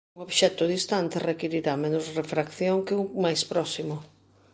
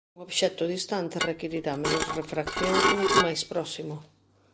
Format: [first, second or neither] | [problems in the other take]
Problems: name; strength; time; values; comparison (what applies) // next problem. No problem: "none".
first | background sound (Dishes, pots, and pans / Glass); 3 dB above the speech